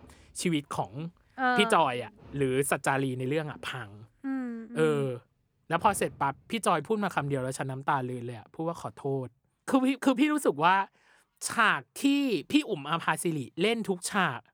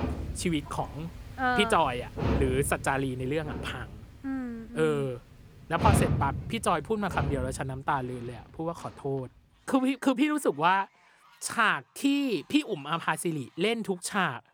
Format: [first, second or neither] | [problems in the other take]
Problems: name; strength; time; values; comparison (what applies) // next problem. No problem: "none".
first | animal sounds; loud; throughout; 5 dB below the speech; faint in the first